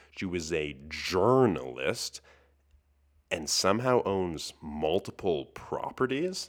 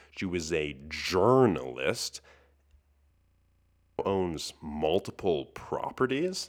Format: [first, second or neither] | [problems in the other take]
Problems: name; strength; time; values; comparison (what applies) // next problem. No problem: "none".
first | audio freezing; at 3 s for 1 s